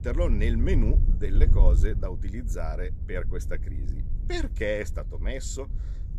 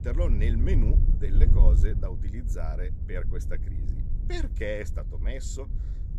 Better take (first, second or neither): first